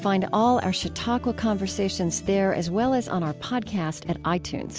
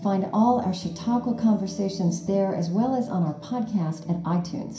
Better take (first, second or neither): first